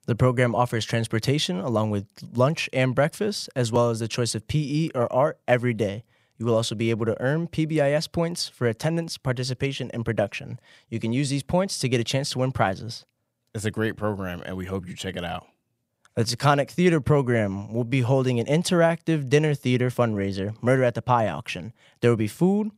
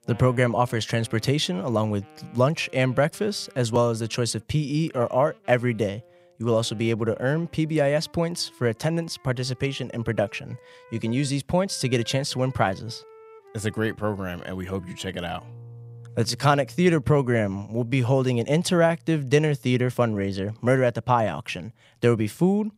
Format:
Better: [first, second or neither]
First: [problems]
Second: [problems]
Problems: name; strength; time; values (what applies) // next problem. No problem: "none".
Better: first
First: none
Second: background music; faint; throughout; 25 dB below the speech